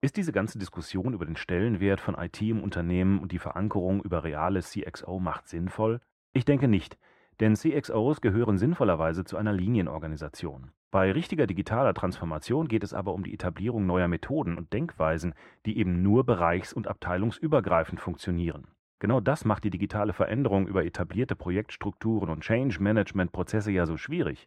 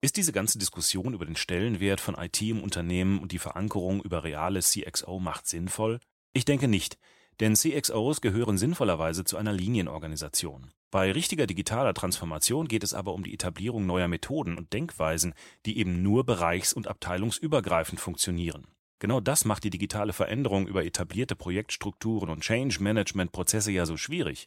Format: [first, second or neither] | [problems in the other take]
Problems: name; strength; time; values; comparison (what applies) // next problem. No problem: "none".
second | muffled; very; fading above 4 kHz